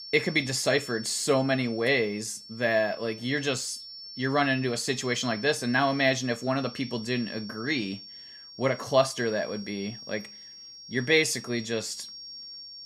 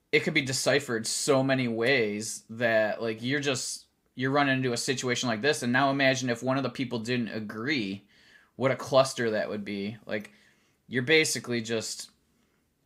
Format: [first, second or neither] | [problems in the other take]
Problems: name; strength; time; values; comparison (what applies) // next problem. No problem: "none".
second | high-pitched whine; noticeable; throughout; 5.5 kHz, 15 dB below the speech